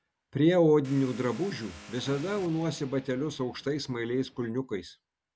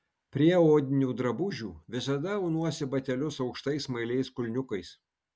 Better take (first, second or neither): second